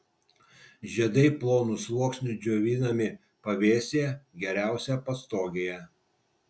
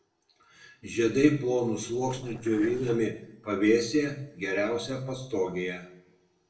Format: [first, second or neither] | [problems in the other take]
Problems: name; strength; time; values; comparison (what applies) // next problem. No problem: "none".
first | noise reduction (neural separator model SepFormer DNS4)